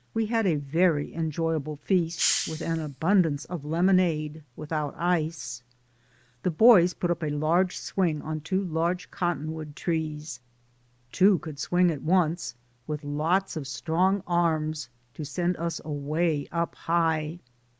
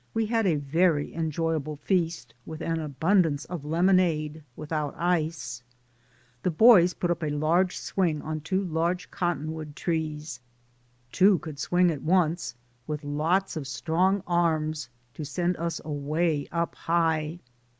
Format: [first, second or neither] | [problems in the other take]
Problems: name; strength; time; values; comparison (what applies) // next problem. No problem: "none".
second | background sound (Hiss); 8 dB below the speech